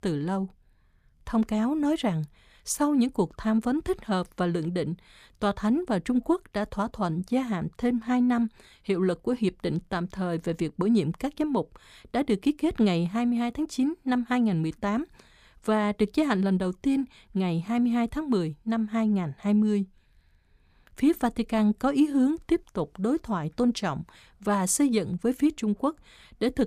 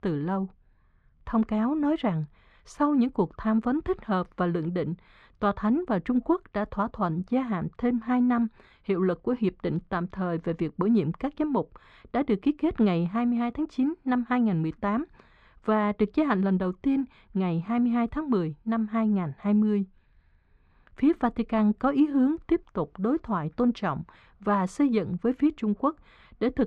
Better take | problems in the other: first | muffled; very; fading above 2.5 kHz

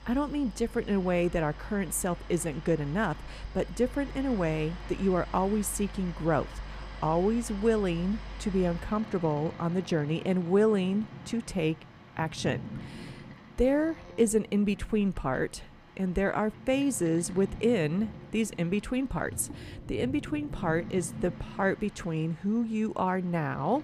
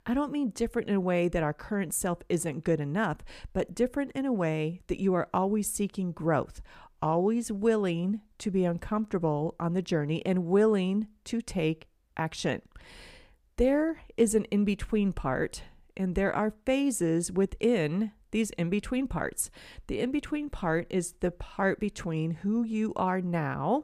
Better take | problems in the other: second | train or aircraft noise; noticeable; throughout; 15 dB below the speech

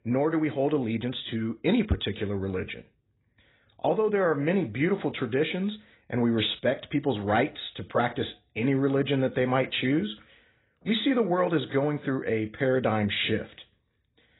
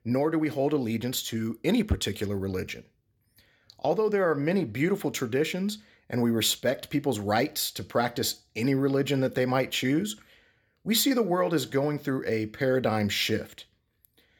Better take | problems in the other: second | garbled, watery; badly; nothing above 4 kHz

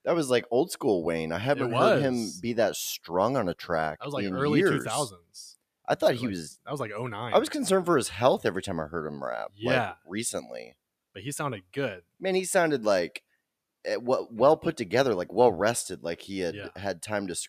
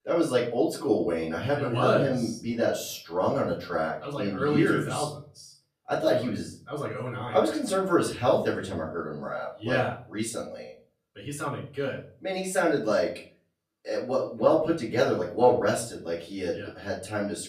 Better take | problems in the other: first | room echo; slight; dies away in 0.4 s // off-mic speech; far

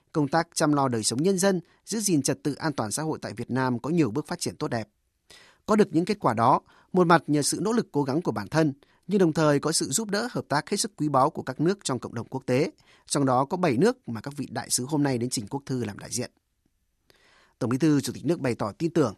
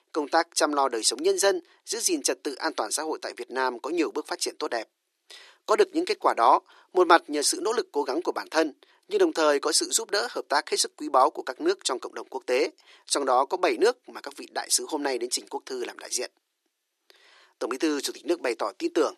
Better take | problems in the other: first | thin; very; fading below 350 Hz

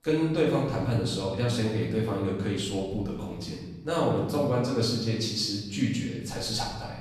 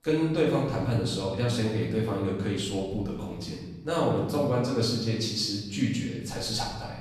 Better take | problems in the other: neither | off-mic speech; far; the same in both // room echo; noticeable; dies away in 1.2 s; the same in both

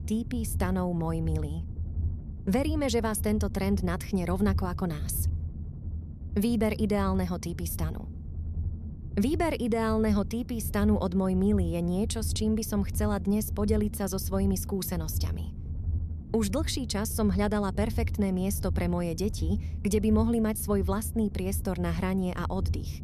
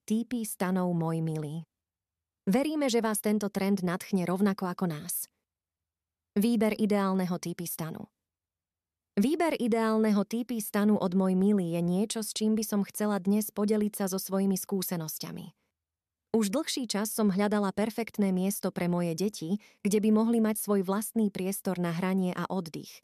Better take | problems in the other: second | low rumble; noticeable; throughout; 15 dB below the speech

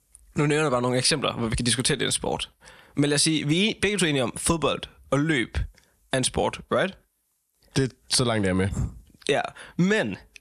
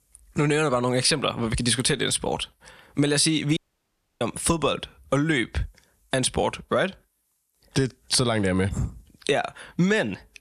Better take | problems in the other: first | audio cutting out; at 3.5 s for 0.5 s

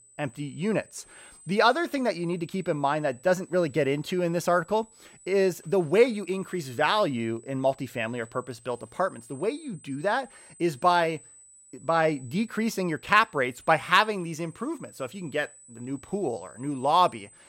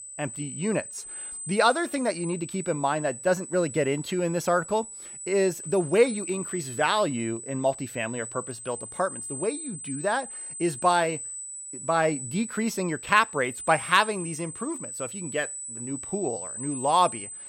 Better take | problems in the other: first | high-pitched whine; loud; throughout; 8 kHz, 9 dB below the speech; faint in the first

